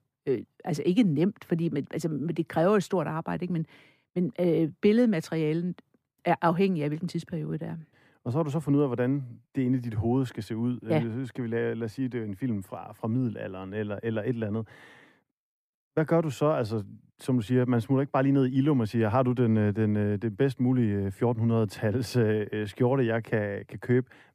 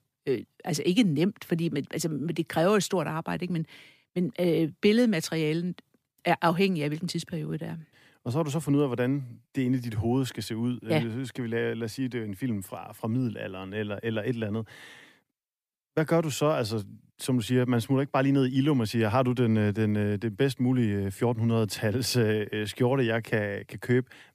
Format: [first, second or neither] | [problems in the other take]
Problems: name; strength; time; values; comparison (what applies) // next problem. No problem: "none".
second | muffled; slightly; fading above 2 kHz